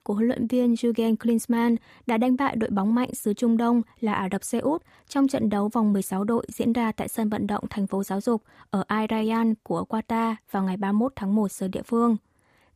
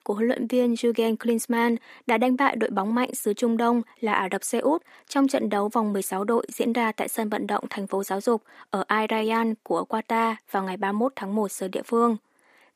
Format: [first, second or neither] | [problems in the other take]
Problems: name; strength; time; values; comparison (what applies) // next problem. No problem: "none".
first | thin; very slightly; fading below 300 Hz